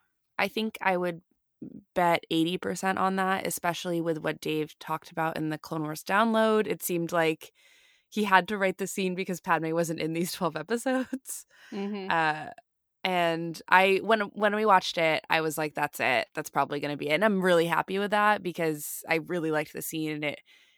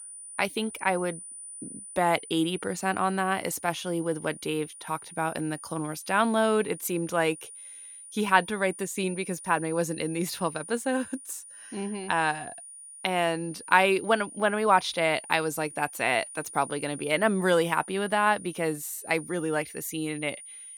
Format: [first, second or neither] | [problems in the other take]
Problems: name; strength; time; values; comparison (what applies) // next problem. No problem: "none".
first | high-pitched whine; noticeable; throughout; 9.5 kHz, 15 dB below the speech